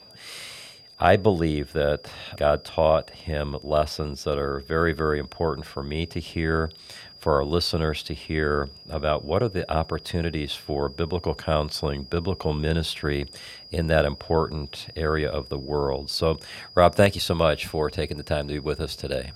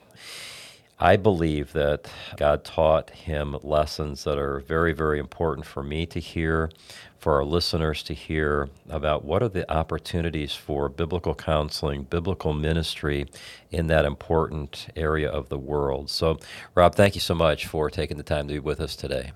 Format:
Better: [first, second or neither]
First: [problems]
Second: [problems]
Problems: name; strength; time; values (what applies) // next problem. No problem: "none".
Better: second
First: high-pitched whine; noticeable; throughout; 5 kHz, 20 dB below the speech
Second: none